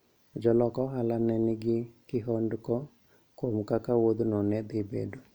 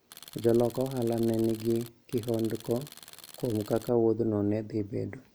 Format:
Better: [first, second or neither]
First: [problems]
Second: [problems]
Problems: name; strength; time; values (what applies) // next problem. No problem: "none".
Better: first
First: none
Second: background sound (Tools); 19 dB below the speech